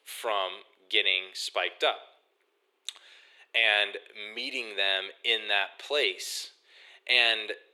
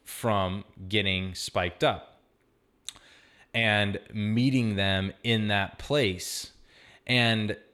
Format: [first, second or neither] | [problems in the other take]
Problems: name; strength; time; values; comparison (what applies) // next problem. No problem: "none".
second | thin; very; fading below 400 Hz